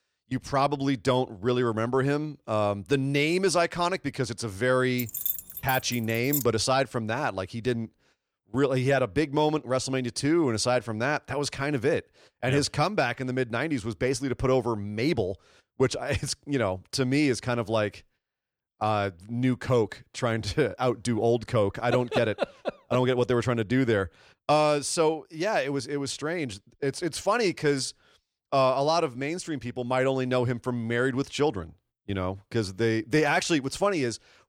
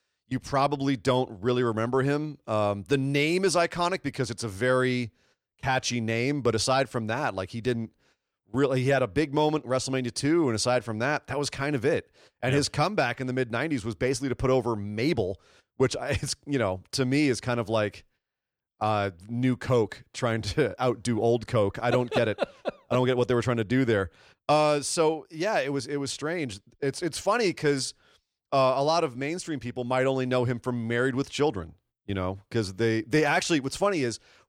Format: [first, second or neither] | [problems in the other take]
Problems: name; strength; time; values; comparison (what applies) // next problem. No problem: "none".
second | jangling keys; noticeable; from 5 to 6.5 s; peak 2 dB below the speech